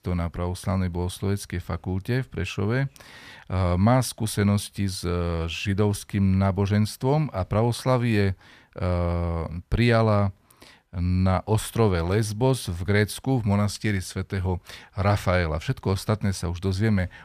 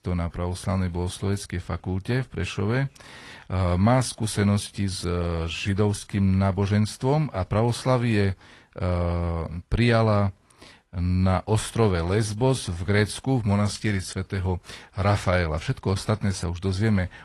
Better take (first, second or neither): first